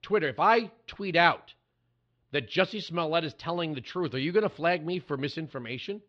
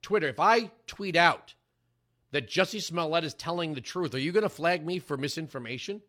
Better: second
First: muffled; very slightly; fading above 3.5 kHz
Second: none

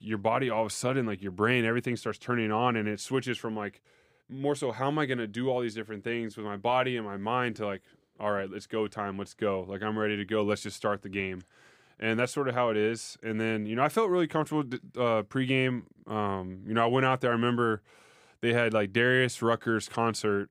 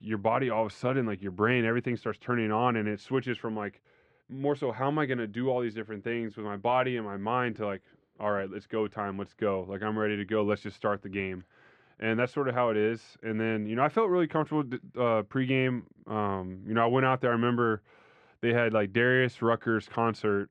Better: first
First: none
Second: muffled; slightly; fading above 2.5 kHz

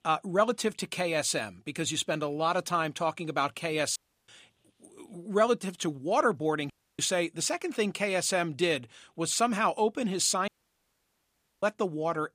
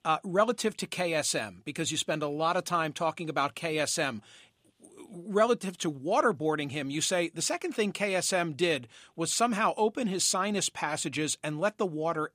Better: second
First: audio cutting out; at 4 s, at 6.5 s and at 10 s for 1 s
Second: none

